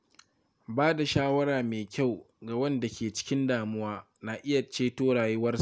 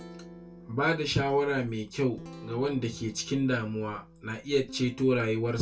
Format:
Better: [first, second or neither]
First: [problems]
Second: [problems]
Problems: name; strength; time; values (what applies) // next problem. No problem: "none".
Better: first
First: none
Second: background sound (Guitar); 19 dB below the speech // room echo; dies away in 0.2 s